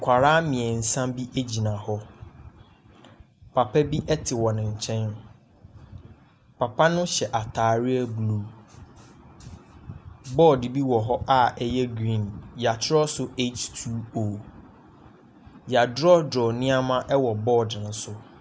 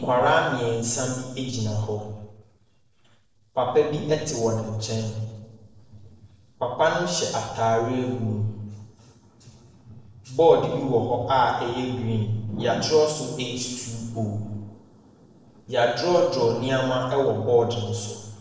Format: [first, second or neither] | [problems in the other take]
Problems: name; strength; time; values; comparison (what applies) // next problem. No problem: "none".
first | noise reduction (neural separator model SepFormer DNS4)